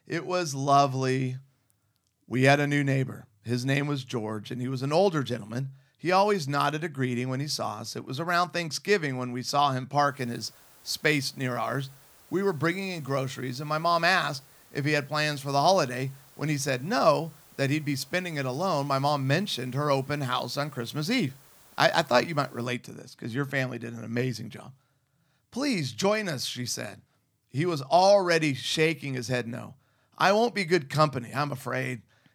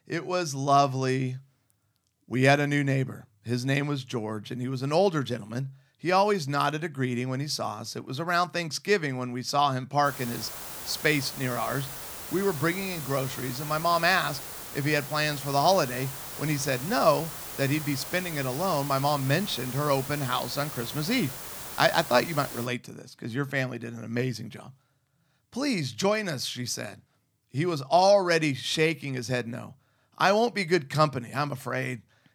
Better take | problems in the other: first | hiss; loud; from 10 to 23 s; 9 dB below the speech; faint in the first

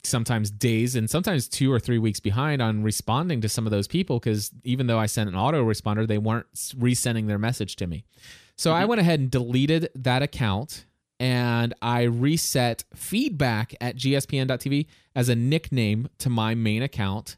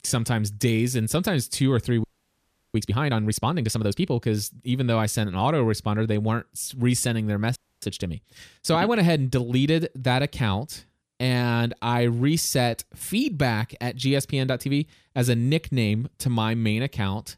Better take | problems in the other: first | audio freezing; at 2 s for 0.5 s and at 7.5 s

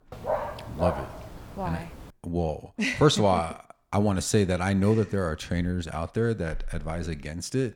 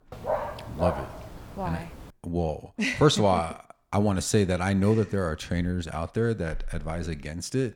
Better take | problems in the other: neither | dog barking; noticeable; until 2 s; peak 3 dB below the speech; the same in both

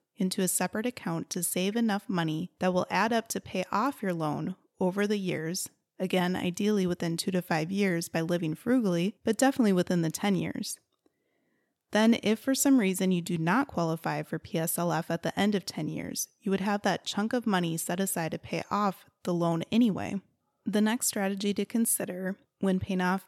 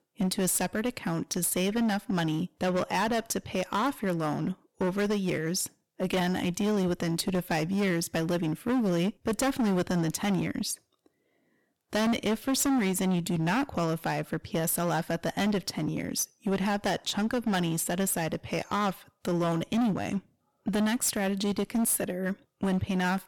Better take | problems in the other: first | distortion; heavy; 15% of the sound clipped

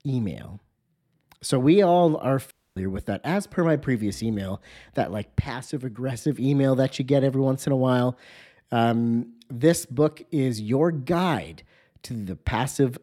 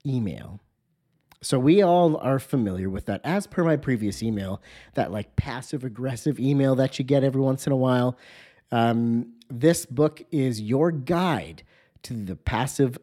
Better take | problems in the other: second | audio cutting out; at 2.5 s

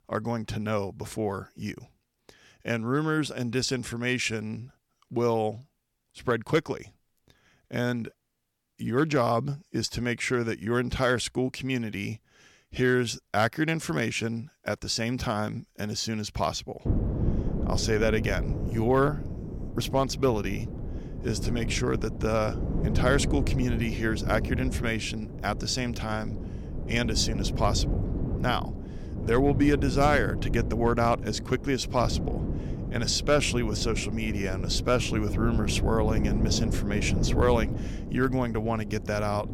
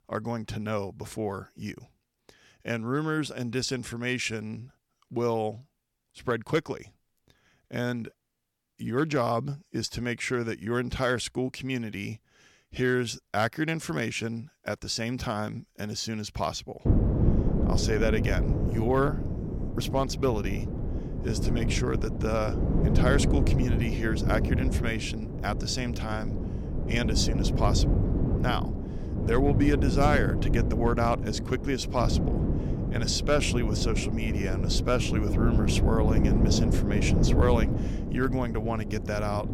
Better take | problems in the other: first | wind noise on the microphone; heavy; from 17 s on; 6 dB below the speech; occasional gusts in the first

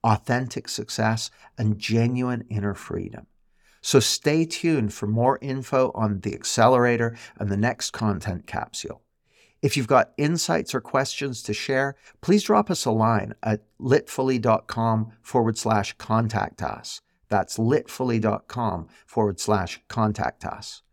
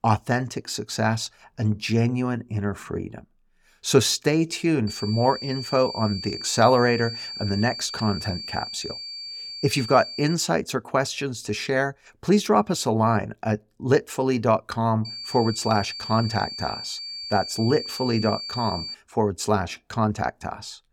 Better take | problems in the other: first | high-pitched whine; loud; from 5 to 10 s and from 15 to 19 s; 4.5 kHz, 8 dB below the speech

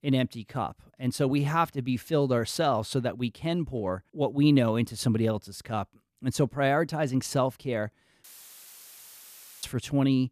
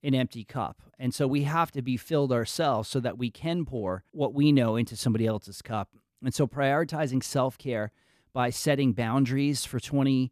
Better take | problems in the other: second | audio cutting out; filled with static; at 8 s for 1.5 s

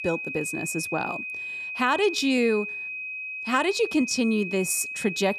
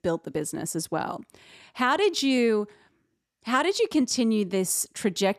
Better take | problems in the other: second | high-pitched whine; loud; throughout; 2.5 kHz, 6 dB below the speech

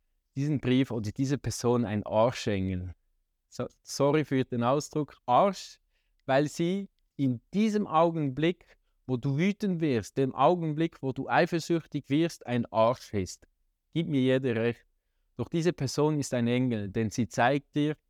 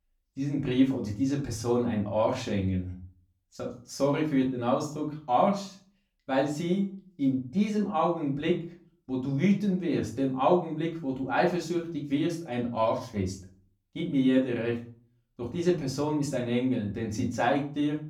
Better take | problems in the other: first | off-mic speech; far // room echo; slight; dies away in 0.4 s

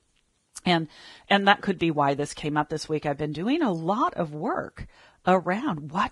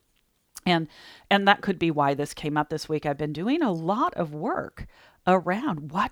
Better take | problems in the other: second | garbled, watery; badly; nothing above 10.5 kHz

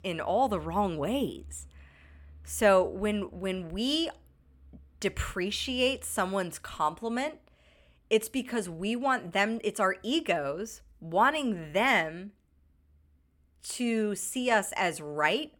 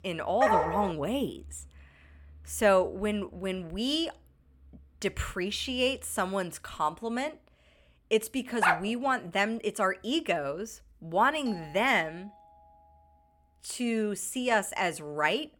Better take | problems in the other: first | dog barking; loud; at 0.5 s and at 8.5 s; peak 4 dB above the speech // doorbell; faint; from 11 to 13 s; peak 15 dB below the speech

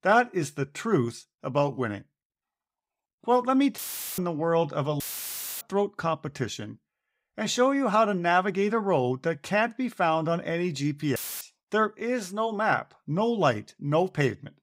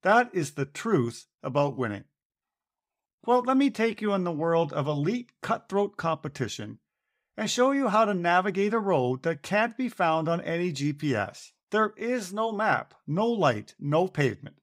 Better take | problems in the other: second | audio cutting out; filled with static; at 4 s, at 5 s for 0.5 s and at 11 s

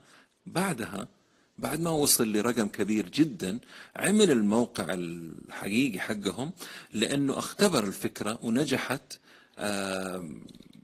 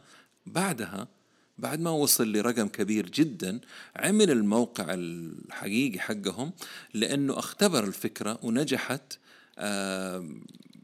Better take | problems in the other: second | garbled, watery; slightly

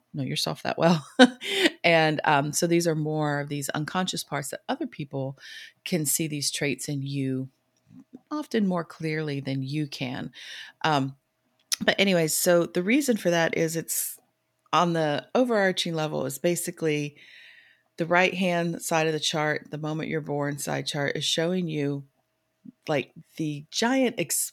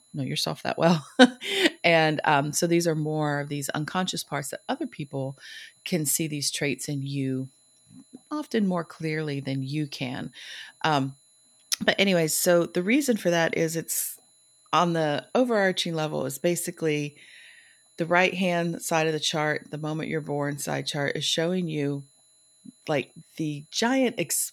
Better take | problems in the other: first | high-pitched whine; faint; throughout; 10.5 kHz, 30 dB below the speech

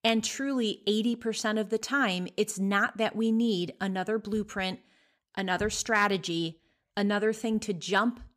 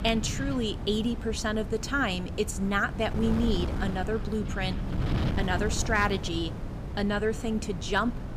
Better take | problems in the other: first | wind noise on the microphone; occasional gusts; 10 dB below the speech

